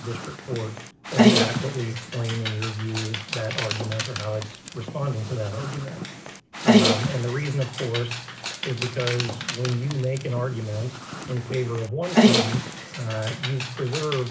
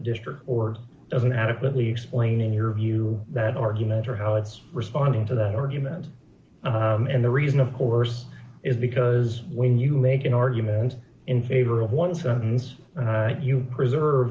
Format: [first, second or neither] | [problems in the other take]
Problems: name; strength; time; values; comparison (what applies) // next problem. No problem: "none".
second | background sound (Dog); 2 dB above the speech